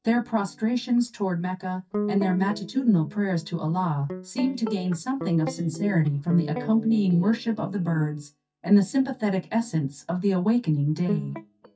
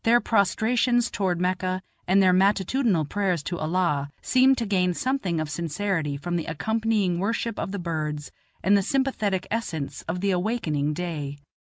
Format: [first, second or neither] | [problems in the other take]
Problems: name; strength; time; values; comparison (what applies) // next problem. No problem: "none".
second | noise reduction (neural mask model DeepFilterNet 3)